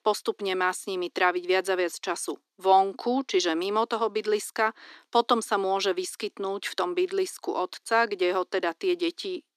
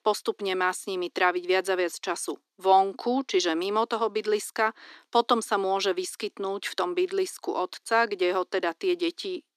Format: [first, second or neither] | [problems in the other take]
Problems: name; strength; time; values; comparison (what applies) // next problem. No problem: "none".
neither | thin; very; fading below 300 Hz; the same in both